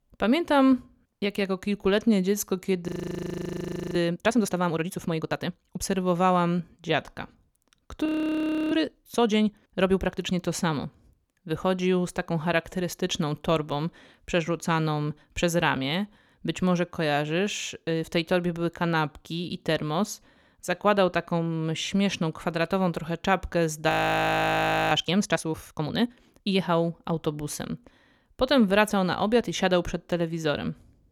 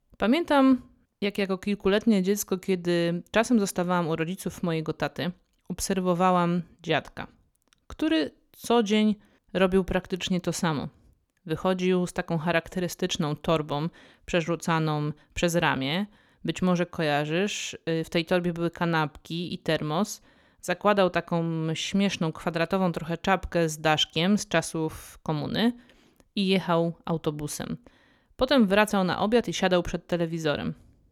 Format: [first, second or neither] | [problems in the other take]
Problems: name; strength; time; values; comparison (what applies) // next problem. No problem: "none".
second | audio freezing; at 3 s for 1 s, at 8 s for 0.5 s and at 24 s for 1 s